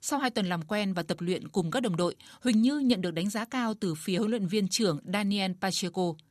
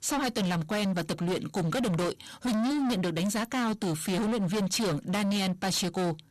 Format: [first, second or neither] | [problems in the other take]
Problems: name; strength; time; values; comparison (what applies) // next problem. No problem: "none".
first | distortion; heavy; 36% of the sound clipped